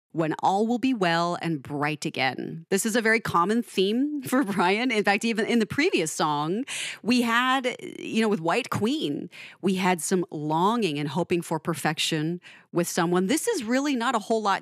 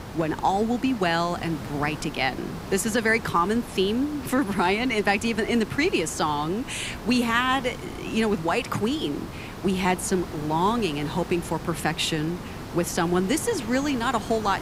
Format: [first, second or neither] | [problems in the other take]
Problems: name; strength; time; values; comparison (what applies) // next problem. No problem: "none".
first | hiss; noticeable; throughout; 10 dB below the speech